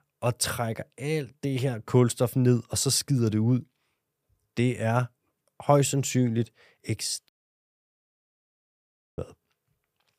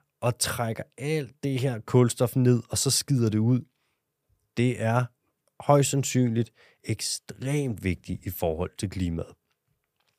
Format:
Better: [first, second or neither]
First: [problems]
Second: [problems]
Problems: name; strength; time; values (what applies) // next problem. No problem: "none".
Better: second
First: audio cutting out; at 7.5 s for 2 s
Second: none